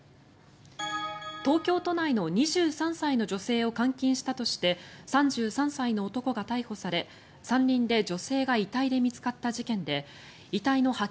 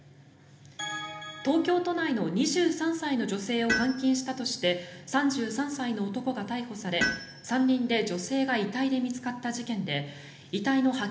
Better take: first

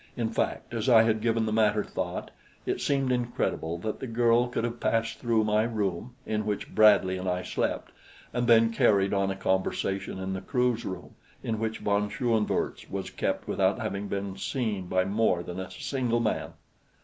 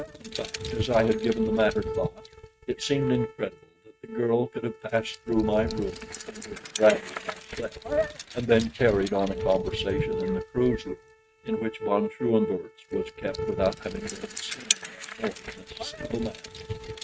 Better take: first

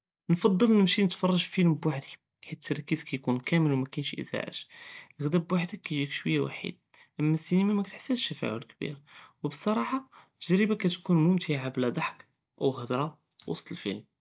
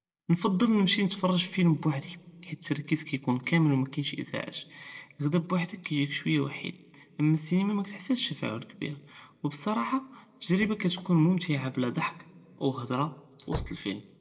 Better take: first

